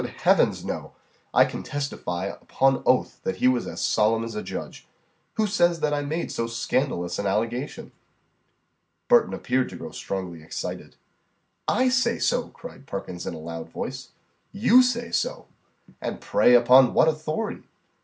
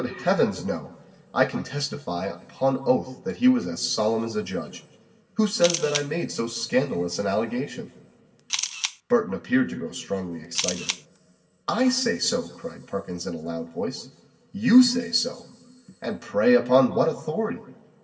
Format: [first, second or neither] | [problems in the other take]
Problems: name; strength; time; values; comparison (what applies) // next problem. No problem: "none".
first | background sound (Camera); 7 dB below the speech // room echo; dies away in 1.9 s